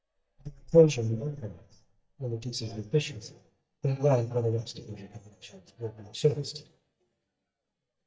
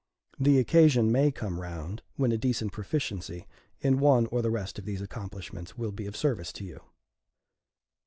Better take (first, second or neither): second